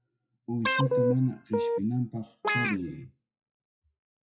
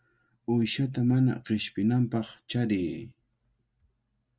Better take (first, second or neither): second